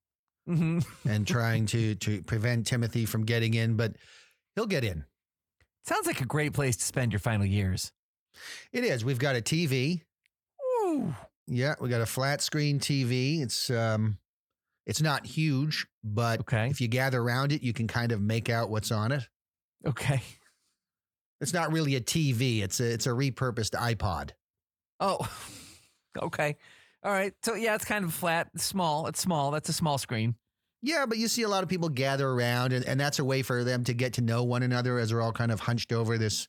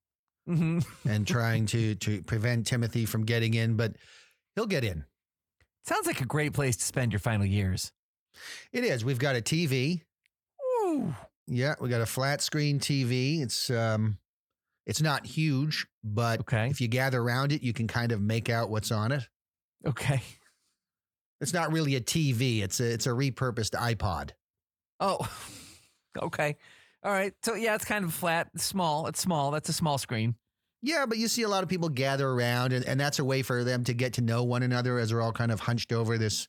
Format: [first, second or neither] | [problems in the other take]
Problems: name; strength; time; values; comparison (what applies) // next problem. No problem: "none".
neither | none